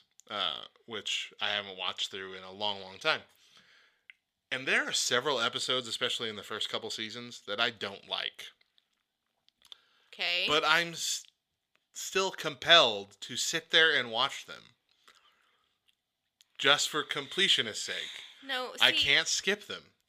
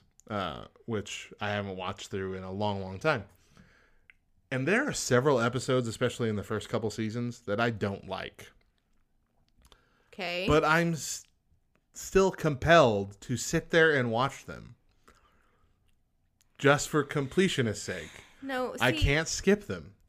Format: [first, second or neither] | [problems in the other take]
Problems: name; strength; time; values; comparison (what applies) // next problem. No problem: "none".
second | thin; somewhat; fading below 950 Hz